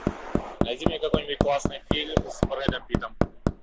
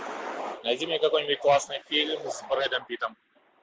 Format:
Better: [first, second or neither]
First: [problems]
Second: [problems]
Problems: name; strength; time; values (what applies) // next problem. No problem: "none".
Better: second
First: background sound (Hammer); 4 dB above the speech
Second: none